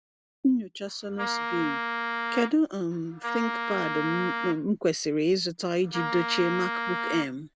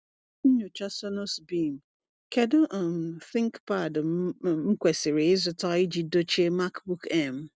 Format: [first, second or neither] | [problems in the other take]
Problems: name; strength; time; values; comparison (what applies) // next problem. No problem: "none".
second | background sound (Wind instrument, woodwind instrument); 4 dB below the speech